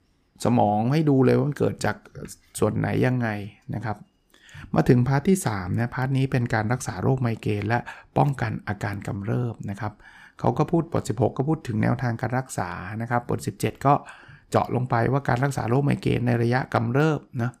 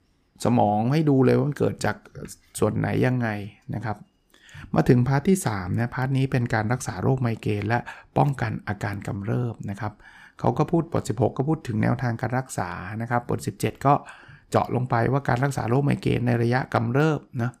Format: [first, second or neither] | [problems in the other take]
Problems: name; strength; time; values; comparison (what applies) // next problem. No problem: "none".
neither | none